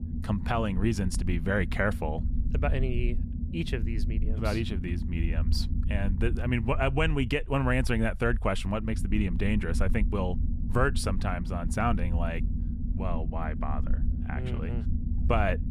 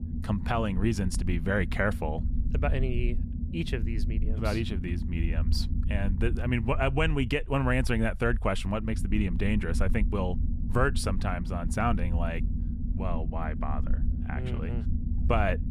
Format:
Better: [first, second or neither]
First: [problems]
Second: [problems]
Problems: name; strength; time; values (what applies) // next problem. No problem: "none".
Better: neither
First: low rumble; noticeable; throughout; 15 dB below the speech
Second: low rumble; noticeable; throughout; 15 dB below the speech